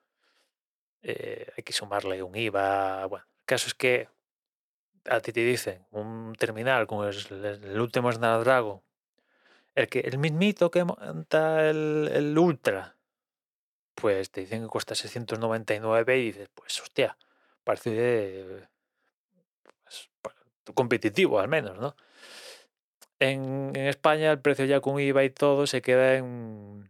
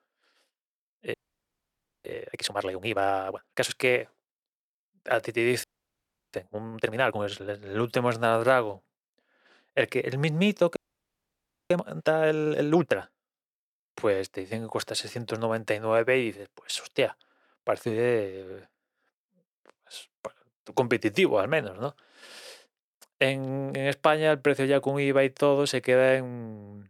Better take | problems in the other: first | audio freezing; at 1 s for 1 s, at 5.5 s for 0.5 s and at 11 s for 1 s

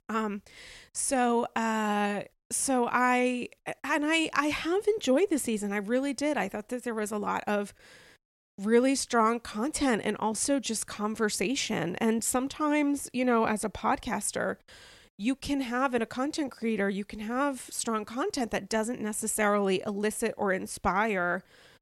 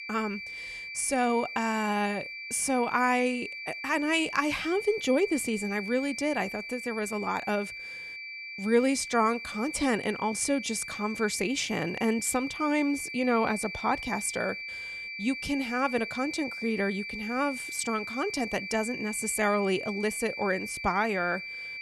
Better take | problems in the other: first | high-pitched whine; loud; throughout; 2.5 kHz, 7 dB below the speech

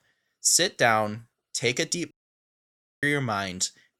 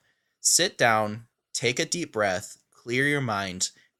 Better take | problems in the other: second | audio cutting out; at 2 s for 1 s

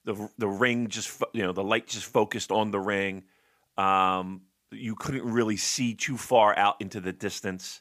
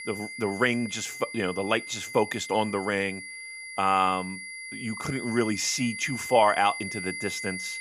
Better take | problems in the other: first | high-pitched whine; loud; throughout; 2 kHz, 9 dB below the speech

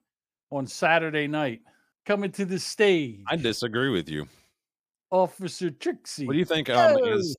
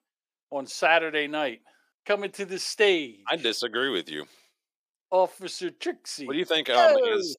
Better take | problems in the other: first | thin; somewhat; fading below 450 Hz

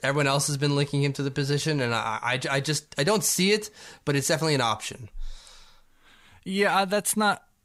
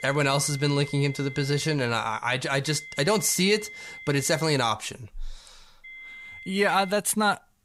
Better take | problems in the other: first | high-pitched whine; noticeable; until 1.5 s, from 2.5 to 4.5 s and from 6 to 7 s; 2 kHz, 15 dB below the speech

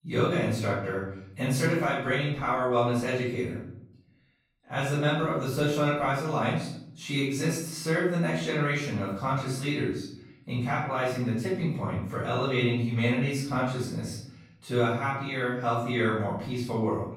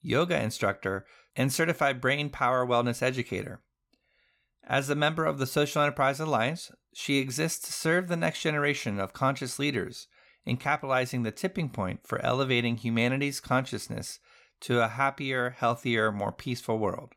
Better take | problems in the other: second | off-mic speech; far // room echo; noticeable; dies away in 0.7 s

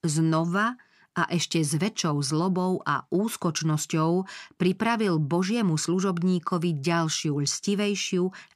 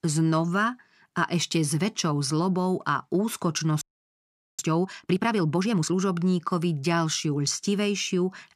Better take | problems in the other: first | audio freezing; at 4 s for 1 s

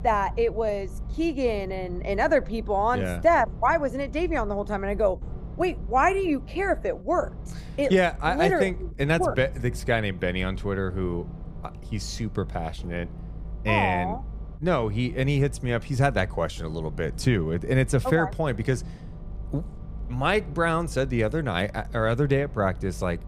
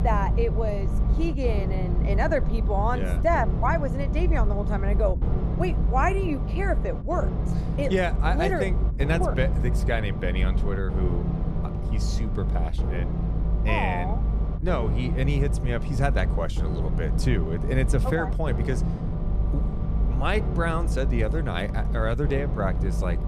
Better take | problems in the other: first | low rumble; loud; throughout; 9 dB below the speech; faint in the first

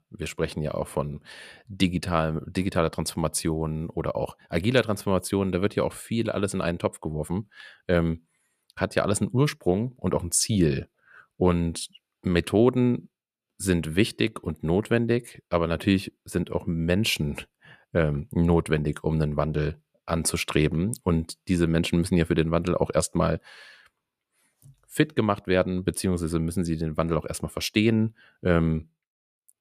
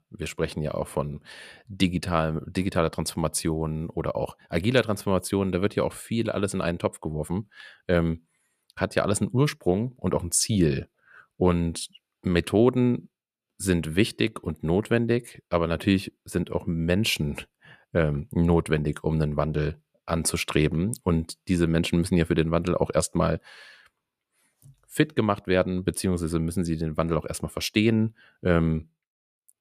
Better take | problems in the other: neither | none

